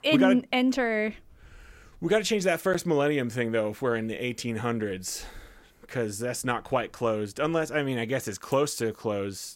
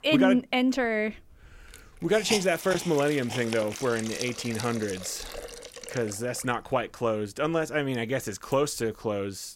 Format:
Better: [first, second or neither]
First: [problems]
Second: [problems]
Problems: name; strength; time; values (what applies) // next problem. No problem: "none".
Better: first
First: none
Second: hiss; loud; throughout; 9 dB below the speech